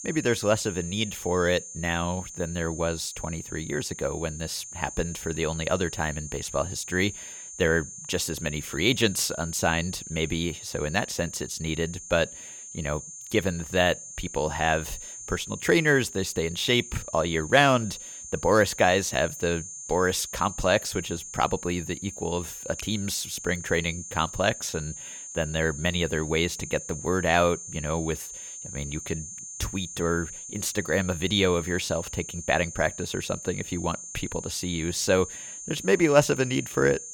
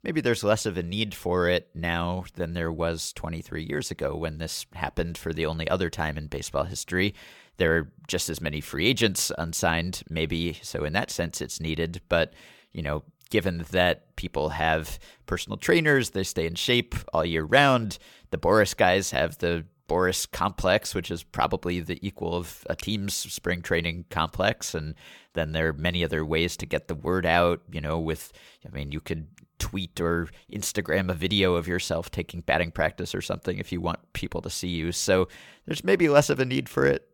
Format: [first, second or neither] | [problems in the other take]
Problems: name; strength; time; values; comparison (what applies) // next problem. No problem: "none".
second | high-pitched whine; noticeable; throughout; 6.5 kHz, 10 dB below the speech